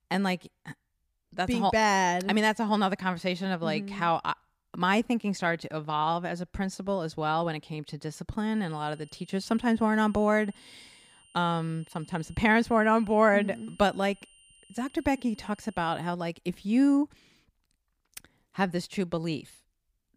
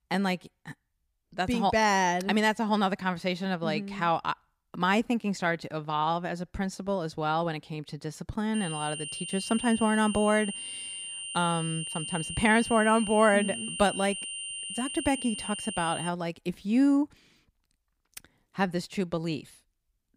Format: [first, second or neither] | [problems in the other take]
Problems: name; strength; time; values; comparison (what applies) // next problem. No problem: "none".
first | high-pitched whine; loud; from 8.5 to 16 s; 3 kHz, 7 dB below the speech; faint in the first